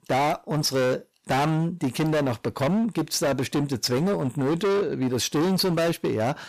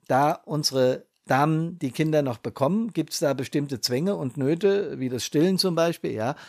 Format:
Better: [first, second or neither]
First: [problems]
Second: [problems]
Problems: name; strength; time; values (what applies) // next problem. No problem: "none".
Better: second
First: distortion; heavy; 26% of the sound clipped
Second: none